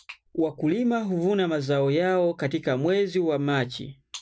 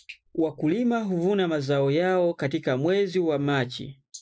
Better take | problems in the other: first | noise reduction (neural mask model Resemble Enhance denoiser)

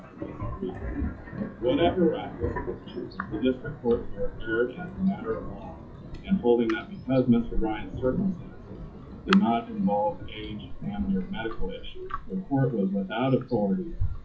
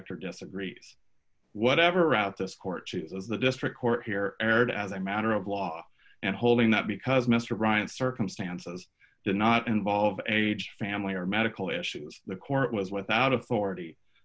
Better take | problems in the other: second | noise reduction (classical method WPE with log-MMSE)

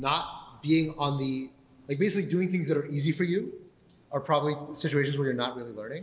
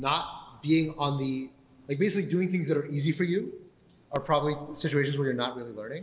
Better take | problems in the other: first | background sound (Fireworks); 17 dB below the speech

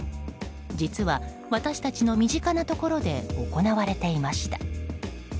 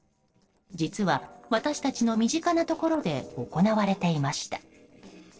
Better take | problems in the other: first | noise reduction (neural separator model SepFormer DNS4)

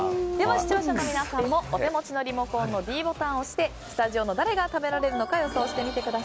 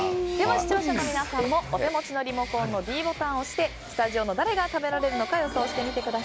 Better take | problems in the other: first | background sound (Bird); 15 dB below the speech

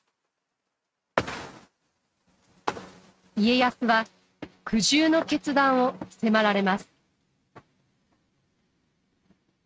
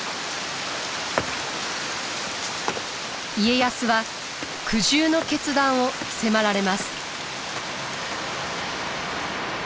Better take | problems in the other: second | noise reduction (neural mask model RNNoise)

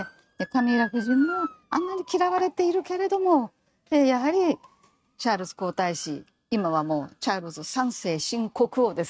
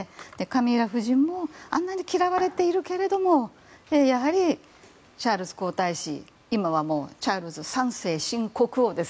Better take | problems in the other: second | noise reduction (neural mask model RNNoise)

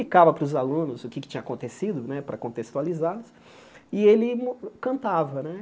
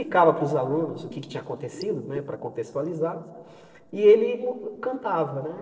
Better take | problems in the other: first | noise reduction (neural separator model SepFormer DNS4)

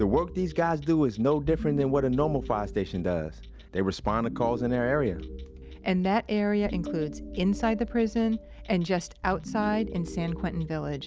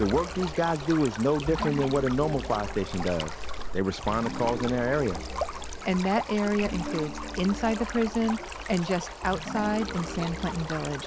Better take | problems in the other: first | background sound (Stream); 8 dB below the speech

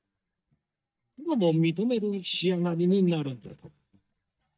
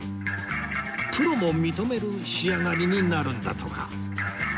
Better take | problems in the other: second | noise reduction (neural mask model DeepFilterNet 3)

